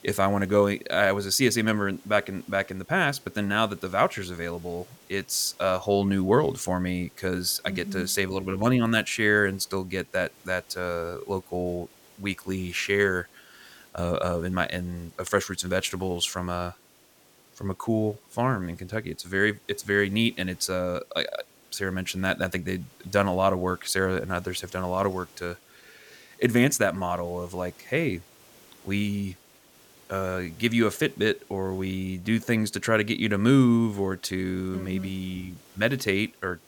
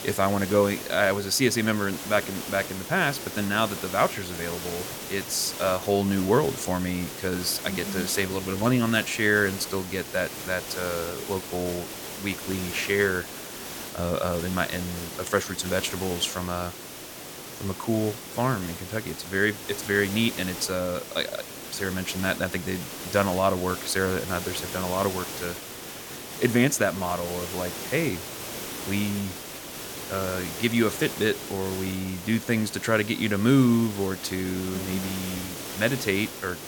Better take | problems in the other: first | hiss; loud; throughout; 8 dB below the speech; faint in the first

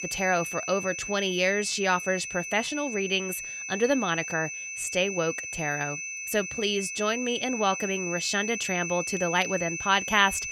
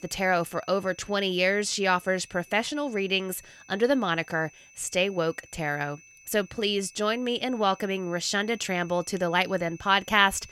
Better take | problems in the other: second | high-pitched whine; loud; throughout; 2.5 kHz, 5 dB below the speech; faint in the second

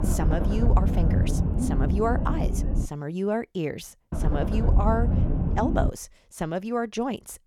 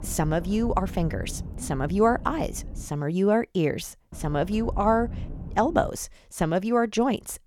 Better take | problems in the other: second | low rumble; loud; until 3 s and from 4 to 6 s; 5 dB below the speech; faint in the second

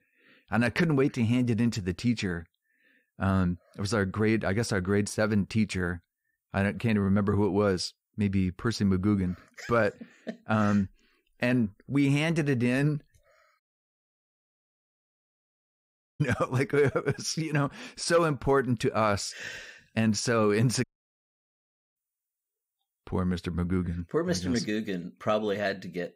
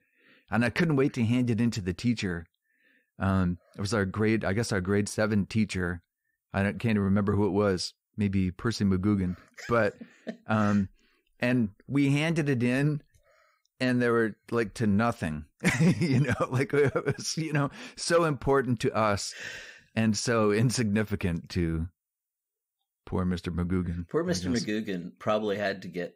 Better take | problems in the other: second | audio cutting out; at 14 s for 2.5 s and at 21 s for 1 s

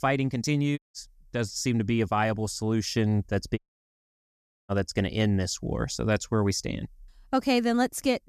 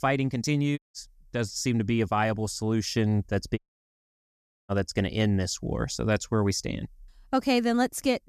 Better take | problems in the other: neither | audio cutting out; at 1 s and at 3.5 s for 1 s; the same in both

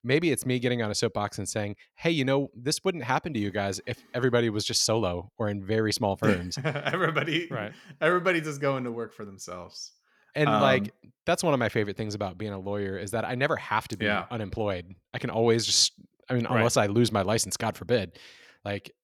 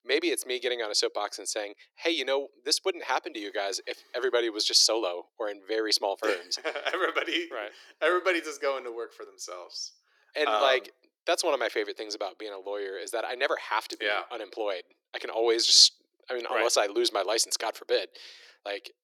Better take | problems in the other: first | thin; very; fading below 350 Hz

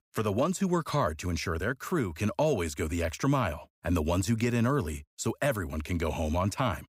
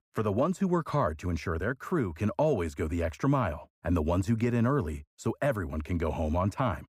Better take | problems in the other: first | muffled; slightly; fading above 2.5 kHz

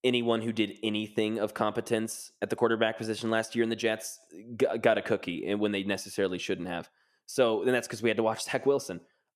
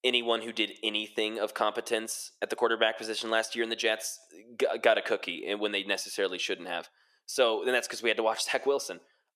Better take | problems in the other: first | thin; somewhat; fading below 450 Hz

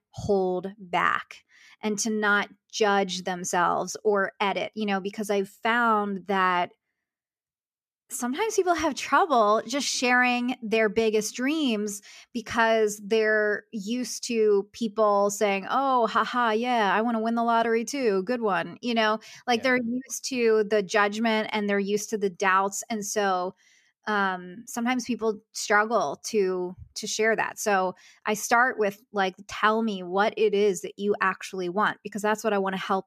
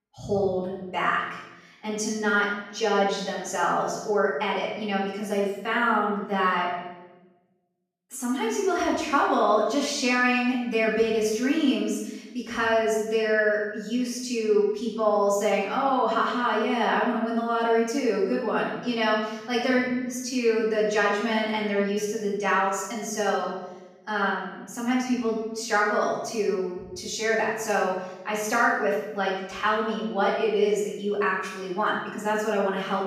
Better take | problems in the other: first | off-mic speech; far // room echo; noticeable; dies away in 0.9 s

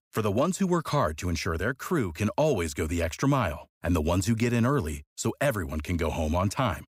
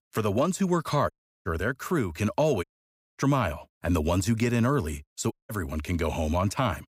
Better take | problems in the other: first | audio cutting out; at 1 s, at 2.5 s for 0.5 s and at 5.5 s

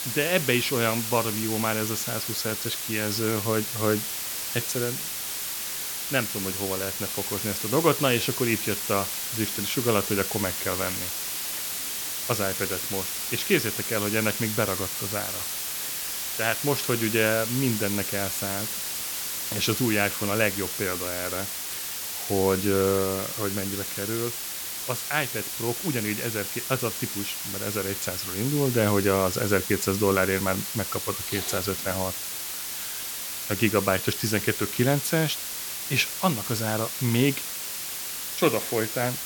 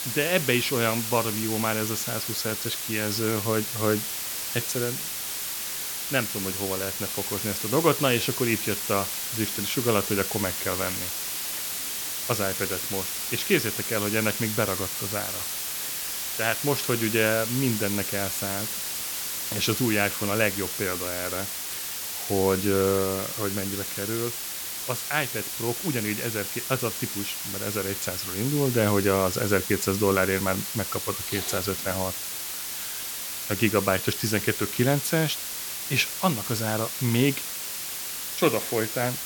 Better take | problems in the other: neither | hiss; loud; throughout; 2 dB below the speech; the same in both

